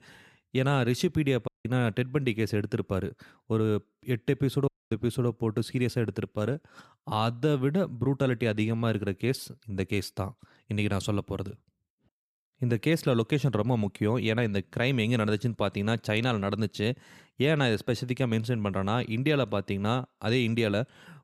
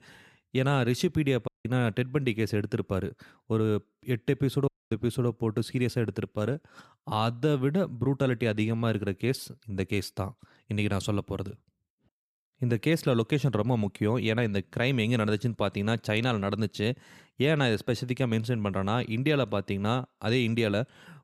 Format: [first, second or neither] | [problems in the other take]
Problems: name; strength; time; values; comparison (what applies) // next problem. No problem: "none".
neither | audio cutting out; at 1.5 s and at 4.5 s; the same in both